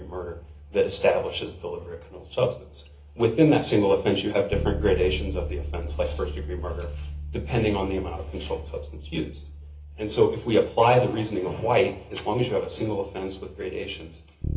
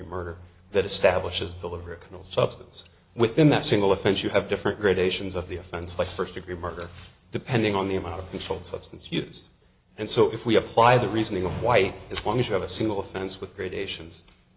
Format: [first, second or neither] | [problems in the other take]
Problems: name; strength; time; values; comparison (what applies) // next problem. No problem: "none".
second | background sound (Bass guitar); 10 dB below the speech // room echo; dies away in 0.3 s